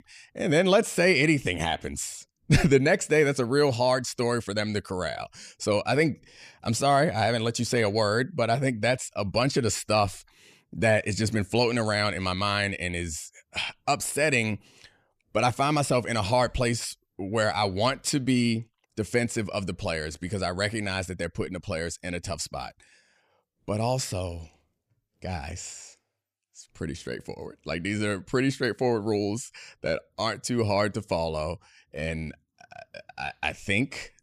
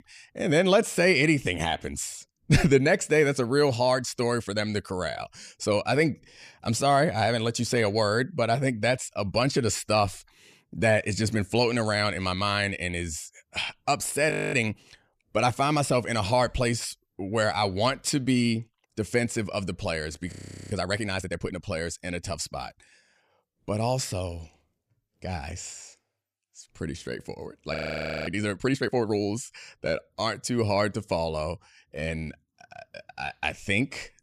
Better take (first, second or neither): first